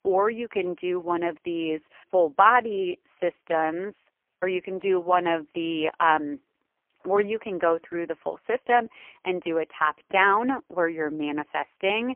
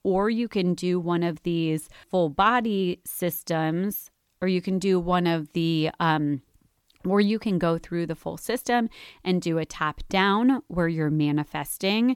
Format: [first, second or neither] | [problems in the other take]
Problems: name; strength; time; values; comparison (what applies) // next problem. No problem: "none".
second | phone-call audio; poor line; nothing above 3 kHz